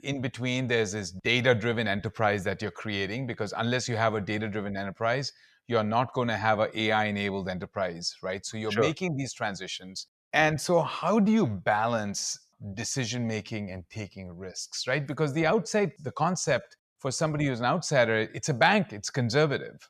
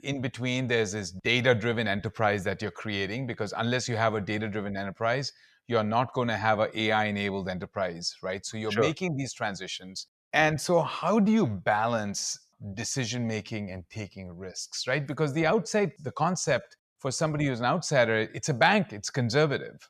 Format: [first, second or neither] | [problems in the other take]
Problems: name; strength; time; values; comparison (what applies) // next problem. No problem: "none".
neither | none